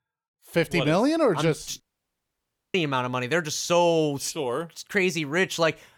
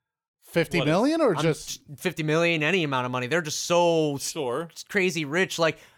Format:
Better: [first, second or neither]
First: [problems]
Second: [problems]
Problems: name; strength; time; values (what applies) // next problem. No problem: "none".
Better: second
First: audio cutting out; at 2 s for 1 s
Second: none